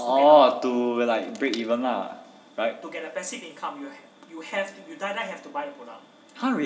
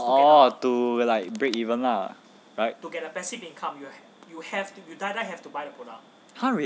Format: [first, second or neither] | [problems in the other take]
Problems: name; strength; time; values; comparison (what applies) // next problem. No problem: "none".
second | room echo; dies away in 0.6 s